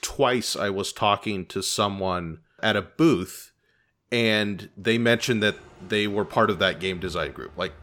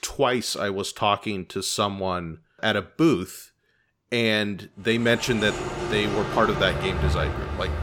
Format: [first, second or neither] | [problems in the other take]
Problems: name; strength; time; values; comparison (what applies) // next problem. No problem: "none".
first | train or aircraft noise; loud; from 5.5 s on; 5 dB below the speech; faint in the first